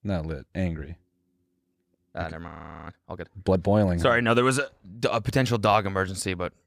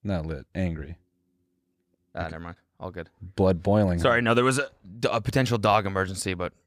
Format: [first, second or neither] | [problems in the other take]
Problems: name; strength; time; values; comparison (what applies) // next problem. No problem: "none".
second | audio freezing; at 2.5 s